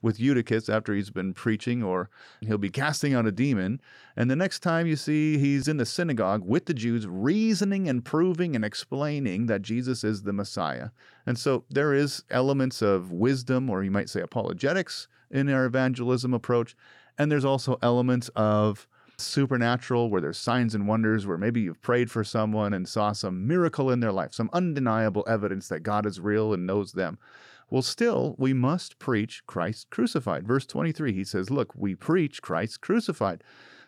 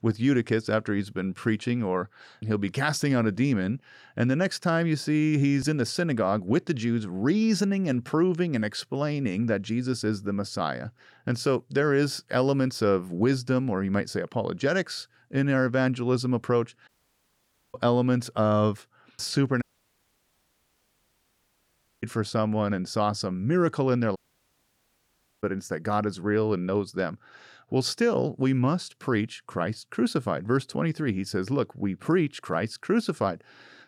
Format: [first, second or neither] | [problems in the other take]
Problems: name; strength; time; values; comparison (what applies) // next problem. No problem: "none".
first | audio cutting out; at 17 s for 1 s, at 20 s for 2.5 s and at 24 s for 1.5 s